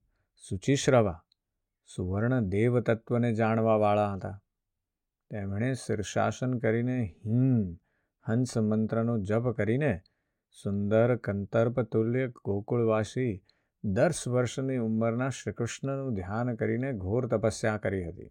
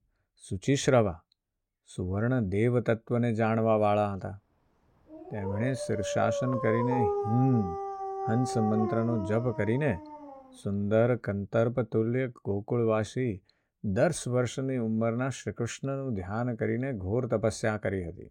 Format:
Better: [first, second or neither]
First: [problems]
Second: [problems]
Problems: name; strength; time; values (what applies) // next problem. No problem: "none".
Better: first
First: none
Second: dog barking; loud; from 5 to 10 s; peak level with the speech